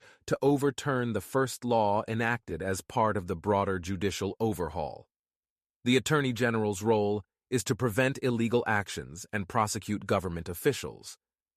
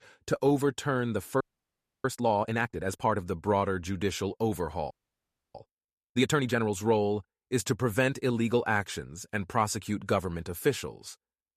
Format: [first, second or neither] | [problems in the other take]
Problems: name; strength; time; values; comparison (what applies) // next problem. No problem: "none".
first | audio freezing; at 1.5 s for 0.5 s and at 5 s for 0.5 s